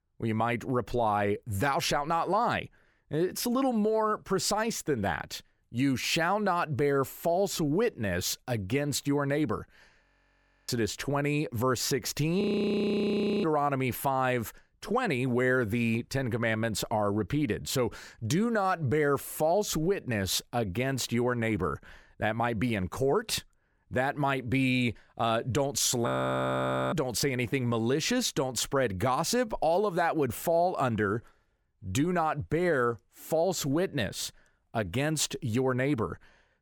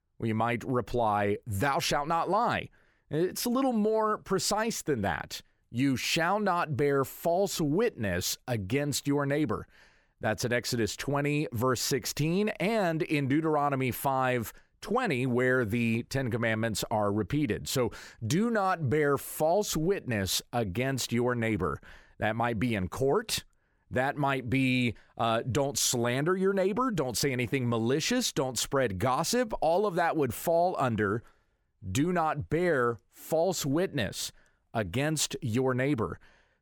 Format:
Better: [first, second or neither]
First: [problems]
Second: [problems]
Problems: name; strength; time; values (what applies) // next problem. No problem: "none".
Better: second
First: audio freezing; at 10 s for 0.5 s, at 12 s for 1 s and at 26 s for 1 s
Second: none